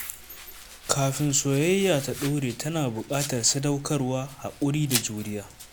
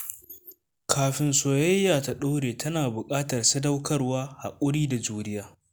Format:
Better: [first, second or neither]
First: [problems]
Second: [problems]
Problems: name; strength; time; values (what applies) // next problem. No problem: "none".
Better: second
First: background sound (Domestic sounds, home sounds); 12 dB below the speech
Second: none